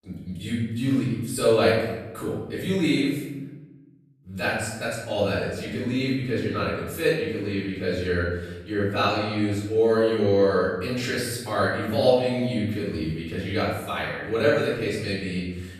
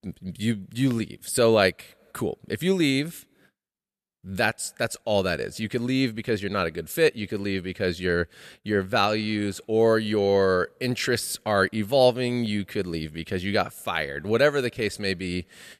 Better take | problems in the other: second | off-mic speech; far // room echo; noticeable; dies away in 1.1 s

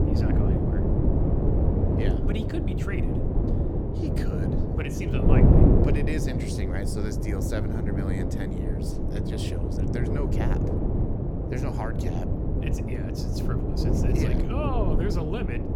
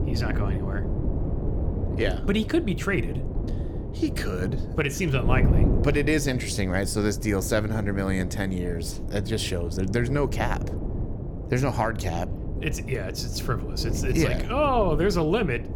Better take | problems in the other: second | wind noise on the microphone; heavy; 4 dB above the speech; occasional gusts in the second

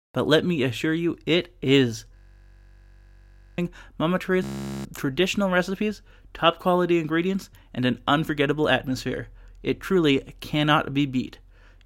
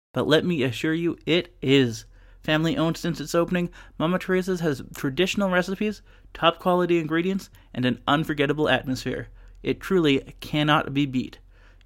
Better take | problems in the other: second | audio freezing; at 2 s for 1.5 s and at 4.5 s

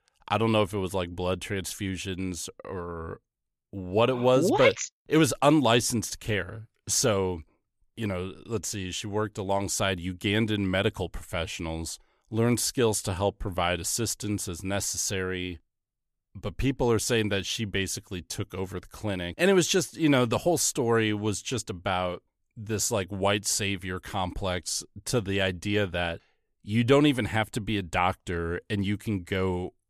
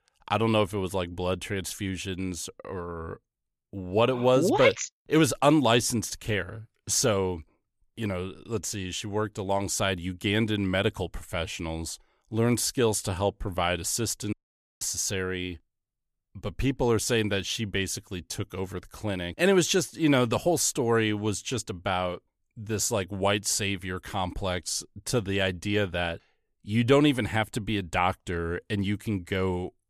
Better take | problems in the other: first | audio cutting out; at 14 s

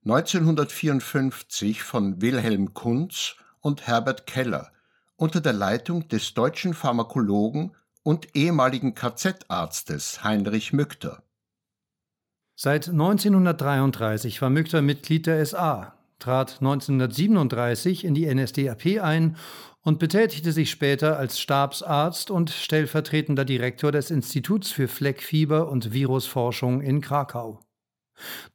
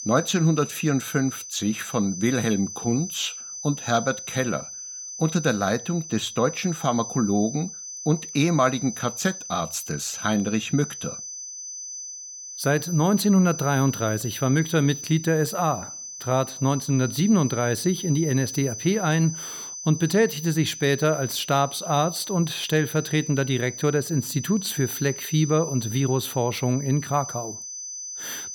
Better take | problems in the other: first | high-pitched whine; loud; throughout; 6 kHz, 10 dB below the speech

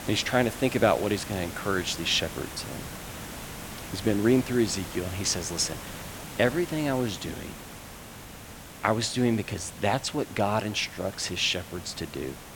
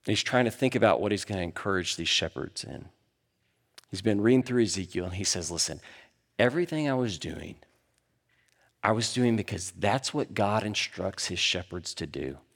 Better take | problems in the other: second | hiss; noticeable; throughout; 10 dB below the speech

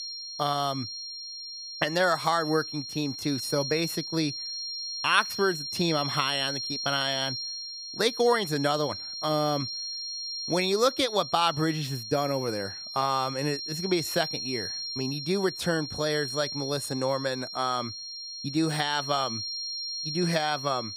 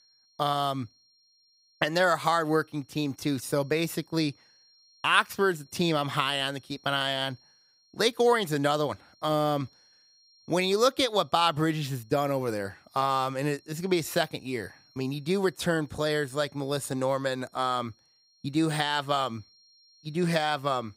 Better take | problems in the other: second | high-pitched whine; loud; throughout; 4 kHz, 5 dB below the speech; faint in the second

